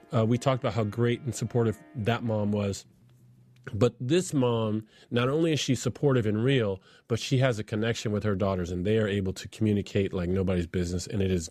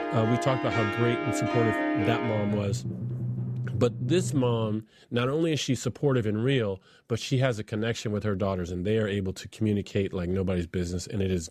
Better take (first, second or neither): first